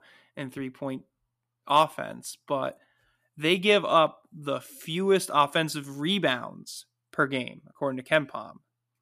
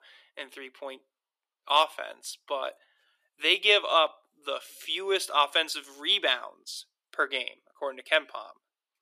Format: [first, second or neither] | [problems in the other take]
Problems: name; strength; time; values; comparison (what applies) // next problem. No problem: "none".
first | thin; very; fading below 400 Hz